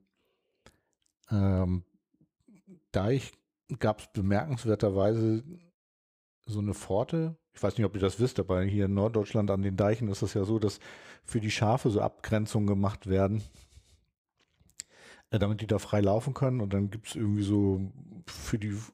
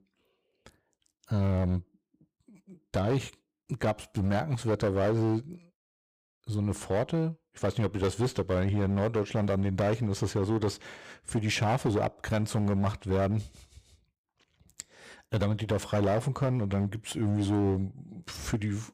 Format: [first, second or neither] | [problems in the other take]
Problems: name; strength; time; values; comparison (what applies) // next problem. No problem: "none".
first | distortion; slight; 9% of the sound clipped